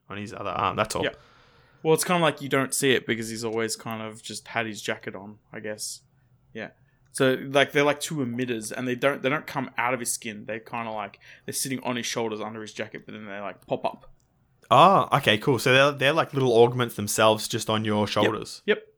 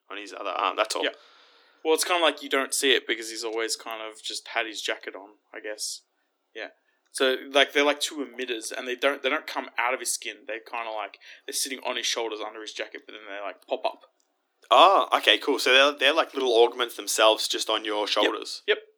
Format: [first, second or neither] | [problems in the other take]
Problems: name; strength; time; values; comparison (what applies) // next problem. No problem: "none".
first | thin; somewhat; fading below 300 Hz